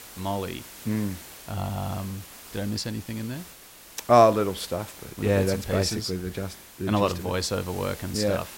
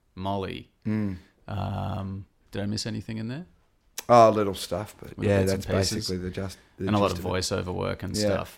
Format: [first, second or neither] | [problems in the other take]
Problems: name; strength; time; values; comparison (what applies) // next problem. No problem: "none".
second | hiss; noticeable; throughout; 15 dB below the speech